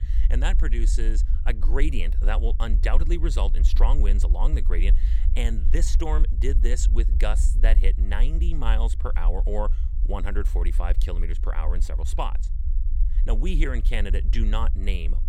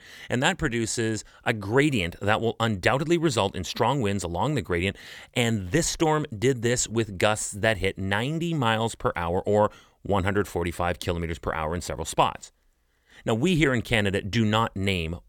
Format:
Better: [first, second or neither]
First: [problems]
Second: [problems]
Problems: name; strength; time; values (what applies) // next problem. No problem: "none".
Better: second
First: low rumble; noticeable; throughout; 15 dB below the speech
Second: none